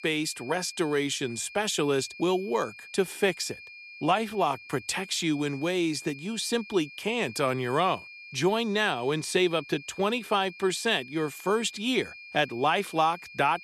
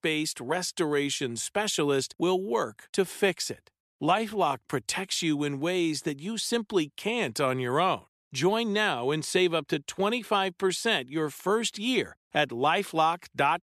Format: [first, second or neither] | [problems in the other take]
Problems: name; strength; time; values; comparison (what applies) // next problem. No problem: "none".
second | high-pitched whine; noticeable; throughout; 2.5 kHz, 15 dB below the speech